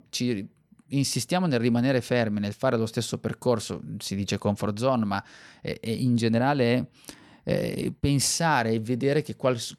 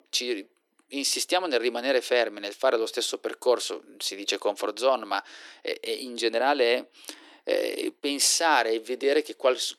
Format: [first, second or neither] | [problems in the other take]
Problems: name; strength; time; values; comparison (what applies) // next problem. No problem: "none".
first | thin; very; fading below 300 Hz